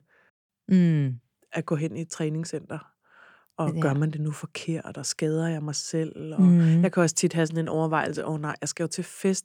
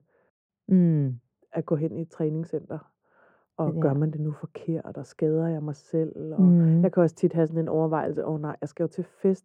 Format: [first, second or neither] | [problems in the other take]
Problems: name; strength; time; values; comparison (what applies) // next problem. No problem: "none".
first | muffled; very; fading above 2 kHz